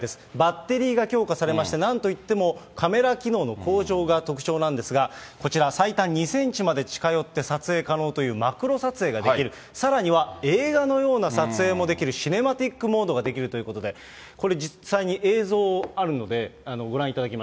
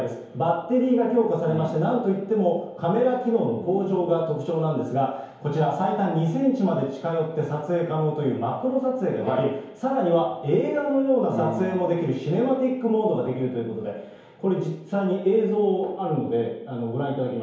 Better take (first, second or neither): first